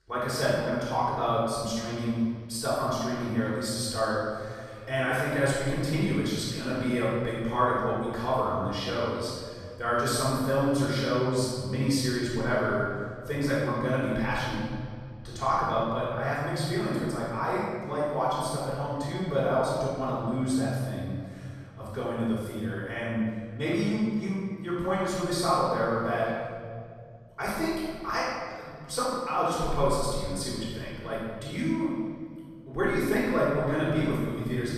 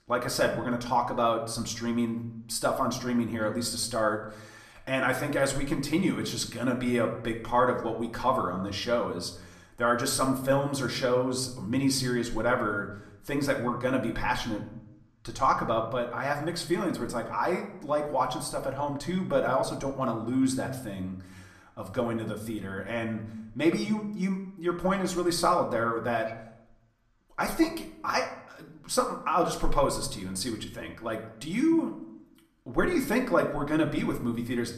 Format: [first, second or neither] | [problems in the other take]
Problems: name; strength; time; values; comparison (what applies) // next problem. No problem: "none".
second | room echo; strong; dies away in 2.2 s; slight in the second // off-mic speech; far; somewhat distant in the second